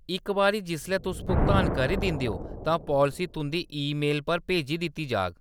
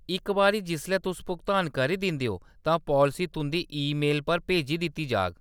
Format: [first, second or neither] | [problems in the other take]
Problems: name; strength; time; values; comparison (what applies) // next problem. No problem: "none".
second | background sound (Thunder); 5 dB below the speech